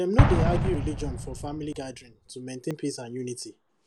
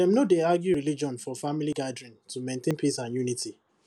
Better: second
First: background sound (Explosion); 4 dB above the speech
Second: none

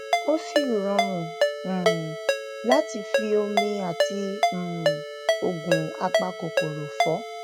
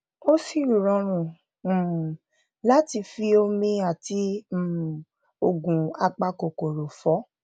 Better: second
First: background sound (Ringtone); 2 dB above the speech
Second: none

